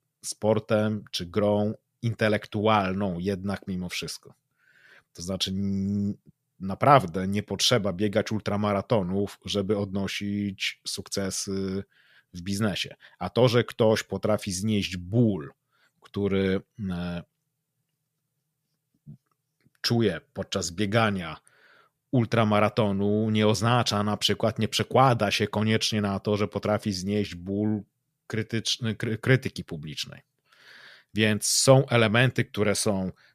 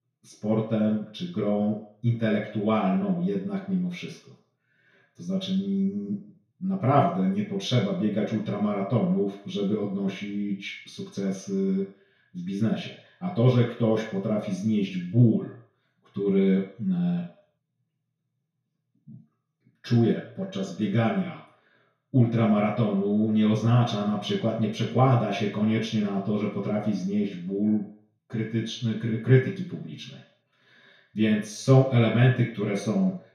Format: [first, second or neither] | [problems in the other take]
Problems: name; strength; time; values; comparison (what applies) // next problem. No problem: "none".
first | room echo; noticeable; dies away in 0.5 s // off-mic speech; far